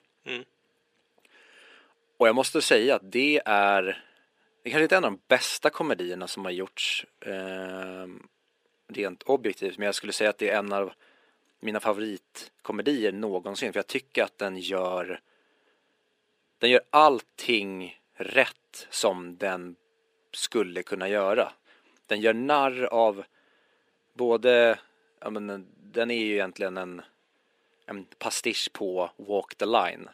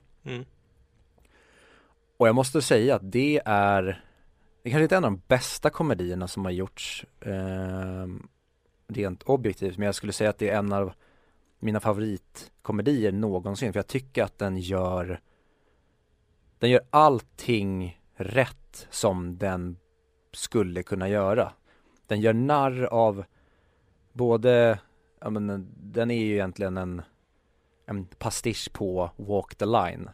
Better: second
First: thin; very slightly; fading below 250 Hz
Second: none

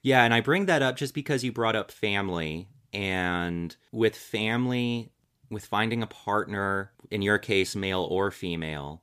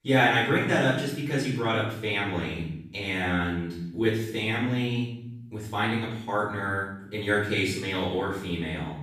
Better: first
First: none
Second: room echo; noticeable; dies away in 0.7 s // off-mic speech; far

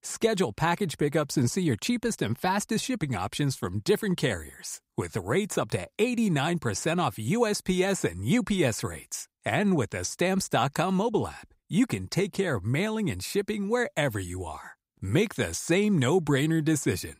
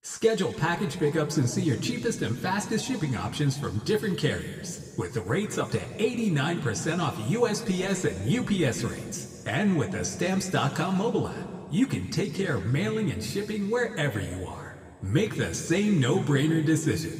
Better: first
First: none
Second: room echo; slight; dies away in 2.1 s // off-mic speech; somewhat distant

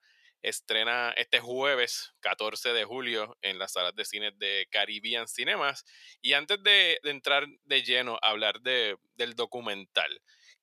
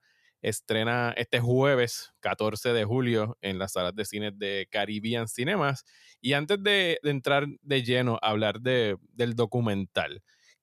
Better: second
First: thin; very; fading below 450 Hz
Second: none

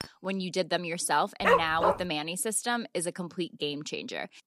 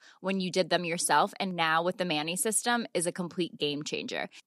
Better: second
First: clattering dishes; faint; at the start; peak 15 dB below the speech // dog barking; loud; at 1.5 s; peak 6 dB above the speech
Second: none

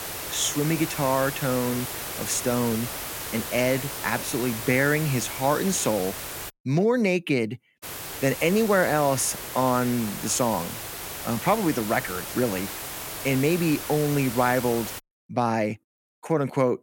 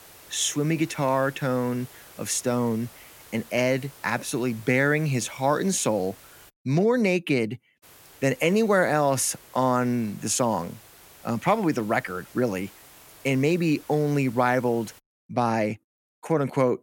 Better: second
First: hiss; loud; until 6.5 s and from 8 to 15 s; 7 dB below the speech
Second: hiss; faint; until 6.5 s and from 8 to 15 s; 25 dB below the speech

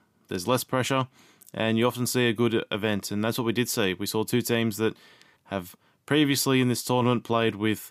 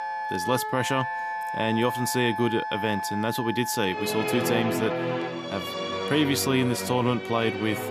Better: first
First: none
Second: background music; loud; throughout; 4 dB below the speech

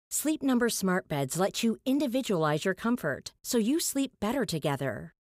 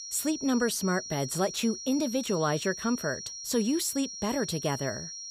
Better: first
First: none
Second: high-pitched whine; loud; throughout; 5.5 kHz, 8 dB below the speech

